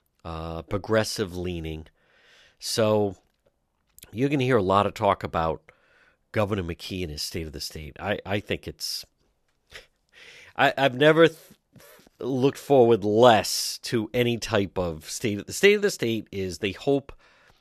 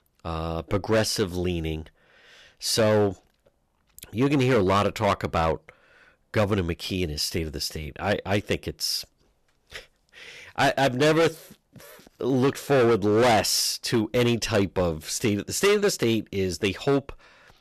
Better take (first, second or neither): first